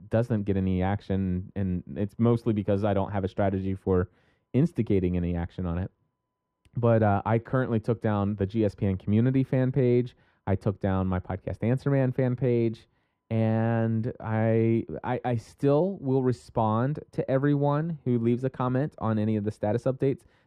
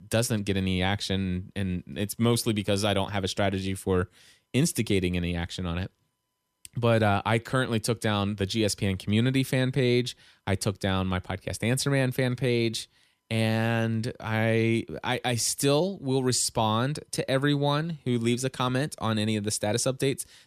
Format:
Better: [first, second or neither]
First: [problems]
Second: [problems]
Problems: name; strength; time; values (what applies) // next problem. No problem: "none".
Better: second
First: muffled; very; fading above 2.5 kHz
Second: none